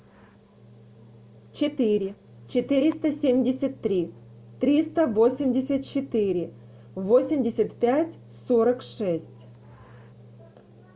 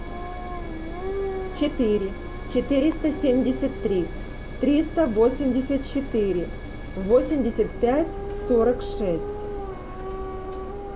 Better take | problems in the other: first | background sound (Engine + Dog); 7 dB below the speech

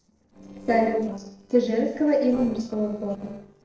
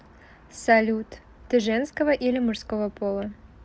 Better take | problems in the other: second | noise reduction (neural separator model SepFormer DNS4)

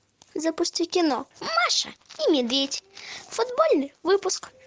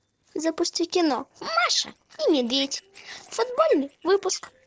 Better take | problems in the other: first | noise reduction (neural separator model SepFormer DNS4)

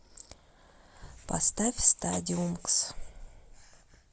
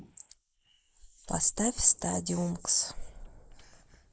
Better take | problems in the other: first | noise reduction (neural mask model Resemble Enhance denoiser)

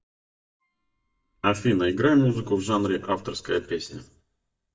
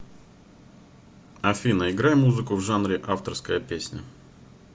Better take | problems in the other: second | noise reduction (neural mask model DeepFilterNet 3)

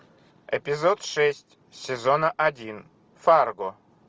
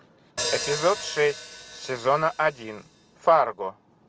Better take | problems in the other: first | background sound (Hi-hat); 10 dB below the speech

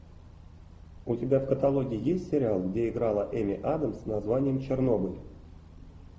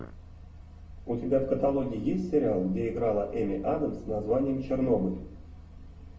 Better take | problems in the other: first | room echo; dies away in 0.3 s

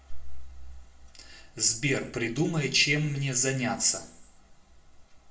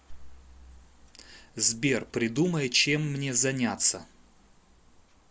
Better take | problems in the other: second | room echo; dies away in 0.4 s

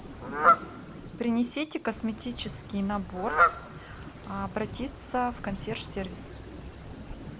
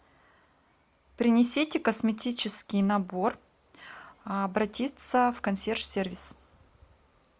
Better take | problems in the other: second | background sound (Fowl); 2 dB above the speech

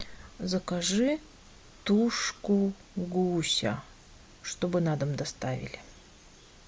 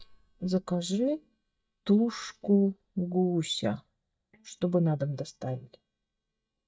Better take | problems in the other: first | noise reduction (neural mask model DeepFilterNet 3)

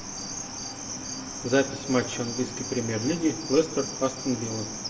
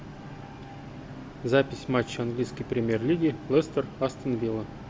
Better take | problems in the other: second | background sound (Cricket); 8 dB below the speech // room echo; dies away in 0.7 s

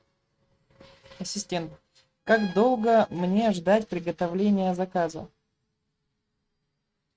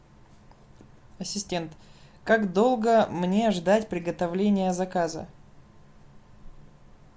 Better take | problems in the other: second | noise reduction (neural mask model RNNoise)

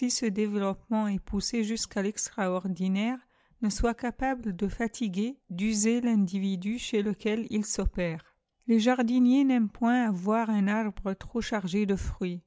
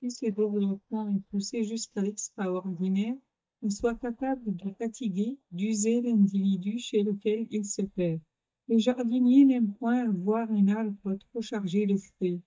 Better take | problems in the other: first | noise reduction (neural mask model DeepFilterNet 3)

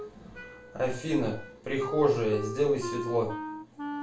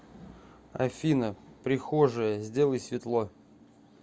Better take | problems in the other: second | background sound (Wind instrument, woodwind instrument); 9 dB below the speech // room echo; dies away in 0.3 s

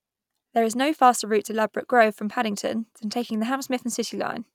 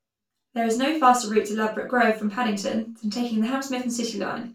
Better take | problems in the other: first | room echo; dies away in 0.2 s

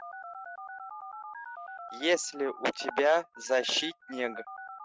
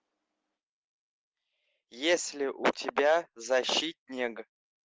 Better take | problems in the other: second | noise reduction (neural mask model RNNoise)

